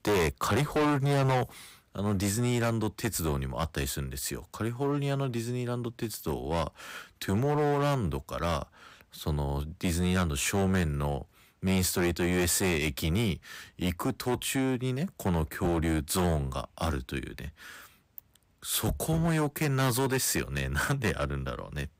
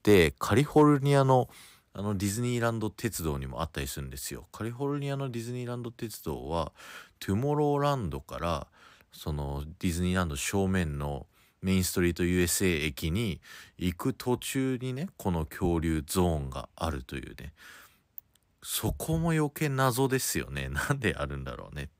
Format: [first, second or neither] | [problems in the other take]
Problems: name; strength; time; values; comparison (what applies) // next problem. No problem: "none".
second | distortion; heavy; 11% of the sound clipped